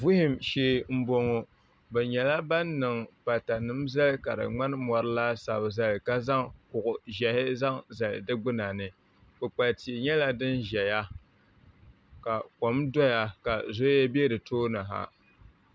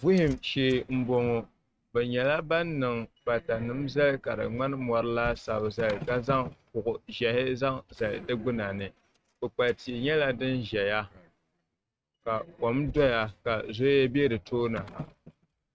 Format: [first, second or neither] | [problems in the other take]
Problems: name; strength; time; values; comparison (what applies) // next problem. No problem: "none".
first | noise reduction (neural mask model RNNoise)